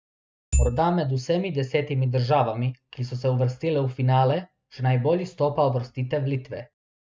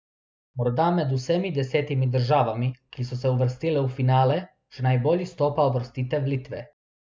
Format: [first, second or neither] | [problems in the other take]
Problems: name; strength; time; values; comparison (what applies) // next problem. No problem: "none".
second | noise reduction (neural mask model RNNoise)